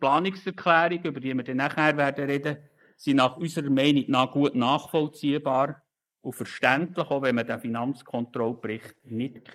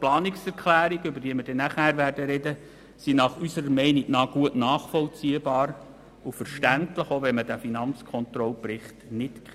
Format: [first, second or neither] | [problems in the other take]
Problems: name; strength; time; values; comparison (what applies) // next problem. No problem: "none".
second | noise reduction (neural mask model Resemble Enhance denoiser)